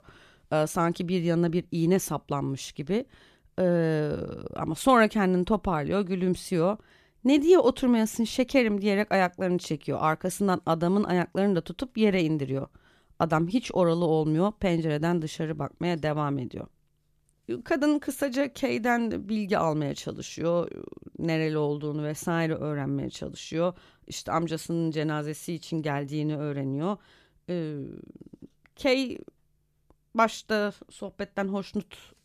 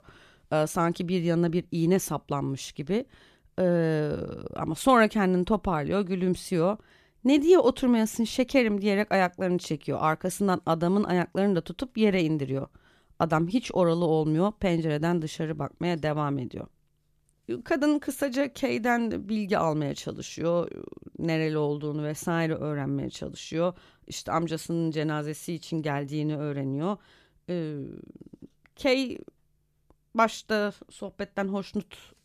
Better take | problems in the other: neither | none

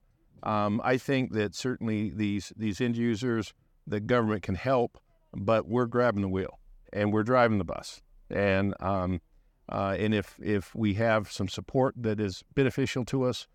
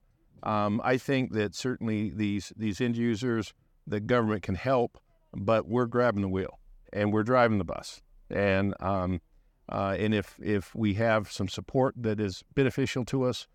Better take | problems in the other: neither | none

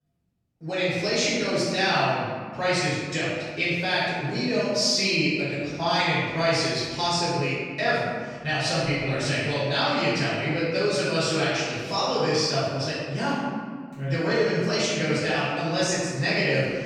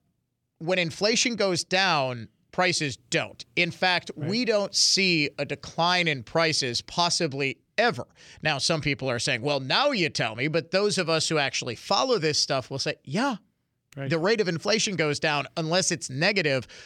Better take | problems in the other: second | room echo; strong; dies away in 1.6 s // off-mic speech; far

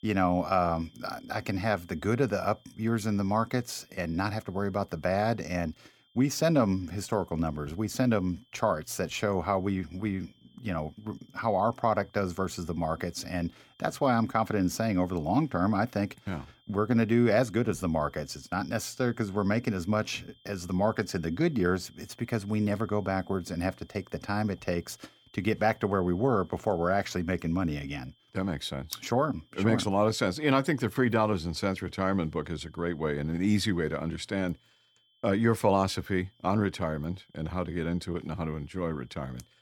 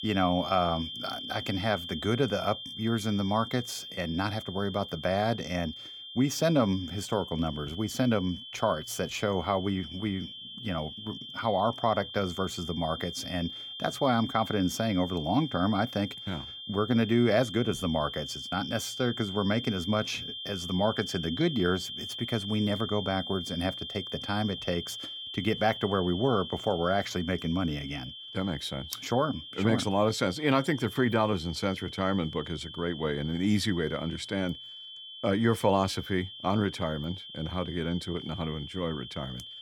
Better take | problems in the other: first | high-pitched whine; loud; throughout; 3 kHz, 9 dB below the speech; faint in the first

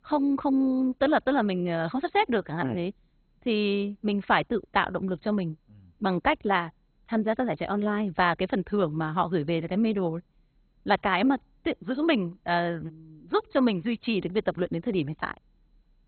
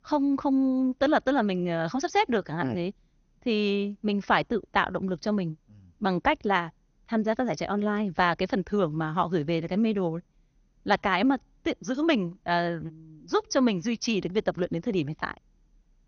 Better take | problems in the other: second | garbled, watery; badly; nothing above 4 kHz; slightly in the second

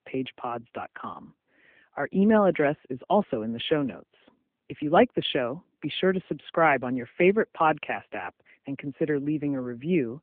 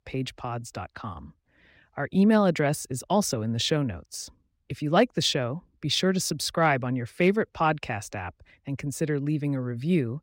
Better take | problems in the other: second | phone-call audio; nothing above 3.5 kHz

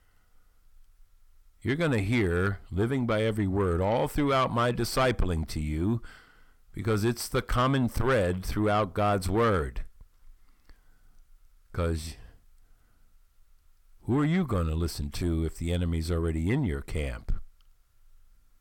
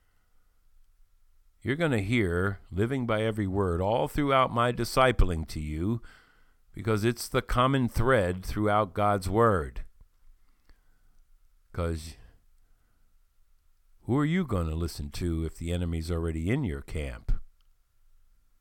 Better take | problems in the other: second | distortion; slight; 10 dB below the speech

